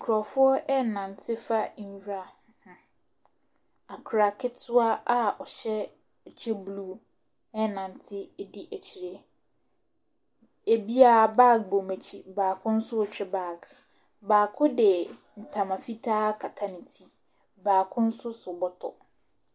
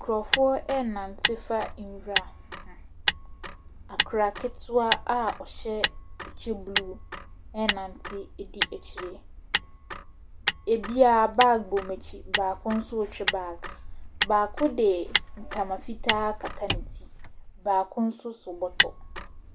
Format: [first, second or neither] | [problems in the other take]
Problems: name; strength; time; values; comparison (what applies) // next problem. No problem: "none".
first | background sound (Motor vehicle (road)); 4 dB below the speech